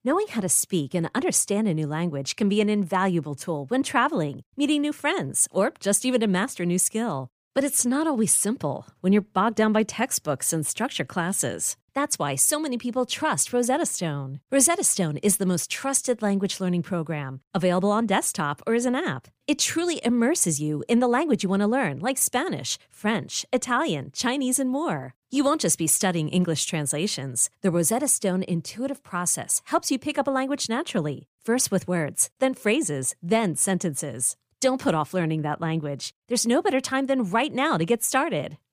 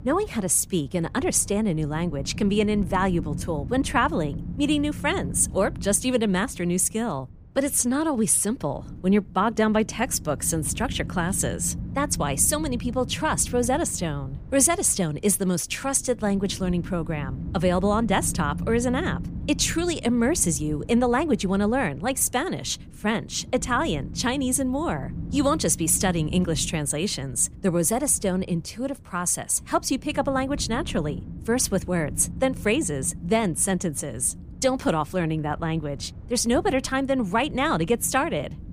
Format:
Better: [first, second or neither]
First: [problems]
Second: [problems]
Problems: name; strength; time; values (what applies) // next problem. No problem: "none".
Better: first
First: none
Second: wind noise on the microphone; occasional gusts; 20 dB below the speech